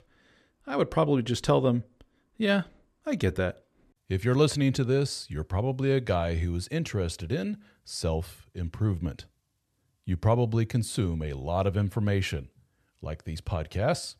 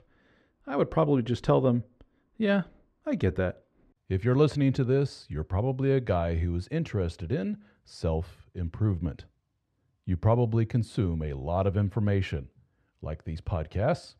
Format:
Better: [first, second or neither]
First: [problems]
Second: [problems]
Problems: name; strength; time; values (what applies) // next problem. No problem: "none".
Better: first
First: none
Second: muffled; slightly; fading above 1.5 kHz